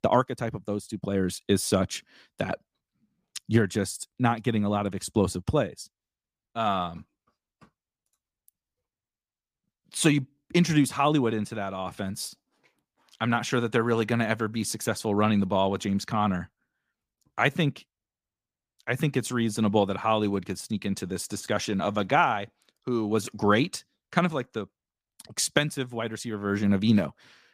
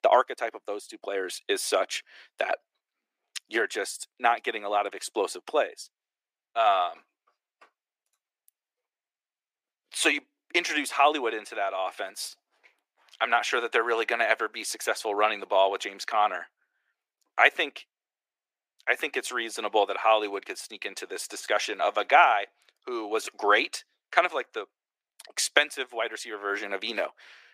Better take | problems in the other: first | thin; very; fading below 350 Hz

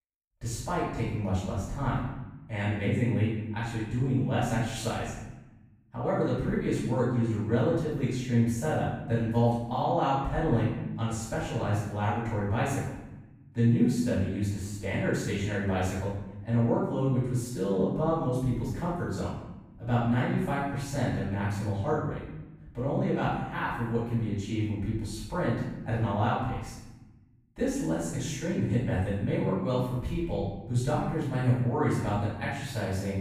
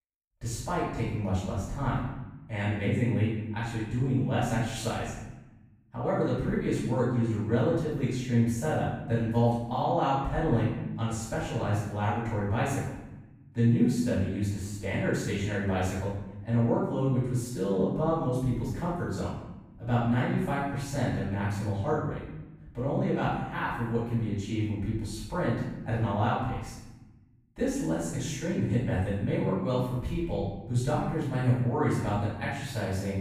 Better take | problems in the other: neither | off-mic speech; far; the same in both // room echo; strong; dies away in 0.9 s; the same in both

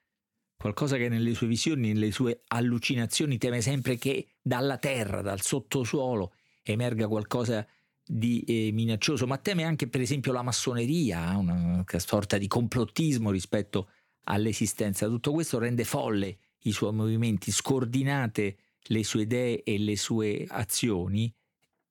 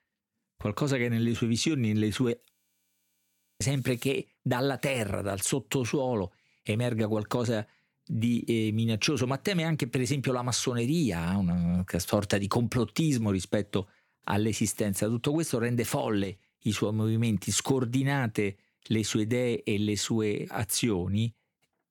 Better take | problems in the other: first | audio freezing; at 2.5 s for 1 s

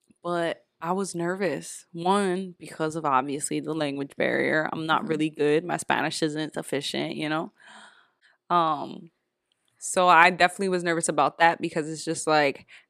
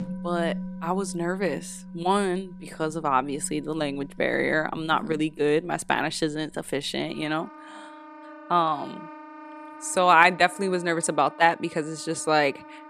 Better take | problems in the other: first | background music; noticeable; throughout; 15 dB below the speech

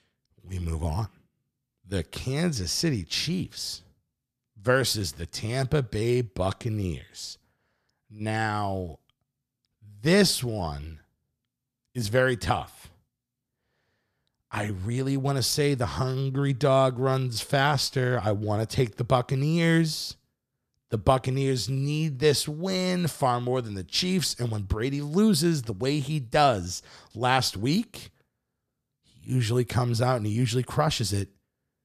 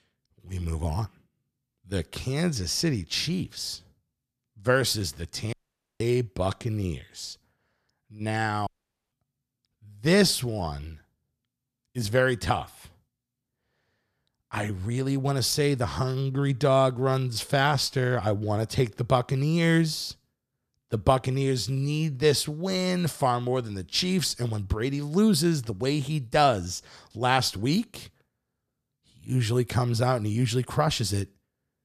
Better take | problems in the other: first | audio cutting out; at 5.5 s and at 8.5 s

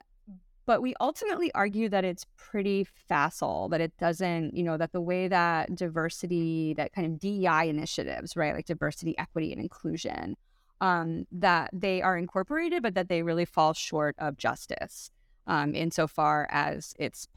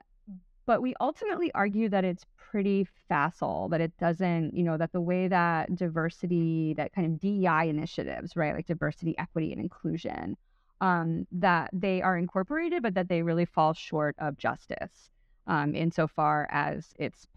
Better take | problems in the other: first | muffled; slightly; fading above 3 kHz

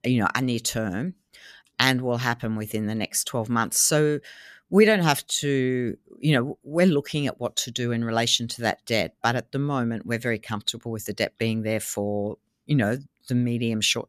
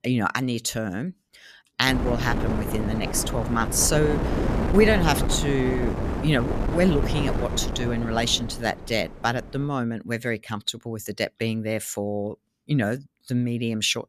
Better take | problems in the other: first | wind noise on the microphone; heavy; from 2 to 9.5 s; 5 dB below the speech

